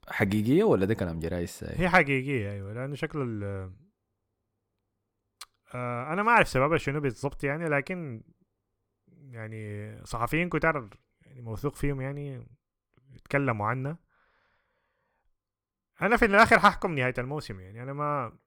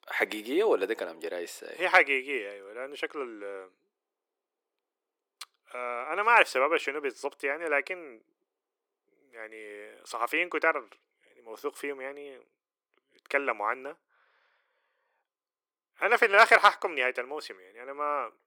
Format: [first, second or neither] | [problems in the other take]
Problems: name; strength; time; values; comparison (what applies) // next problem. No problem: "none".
first | thin; very; fading below 350 Hz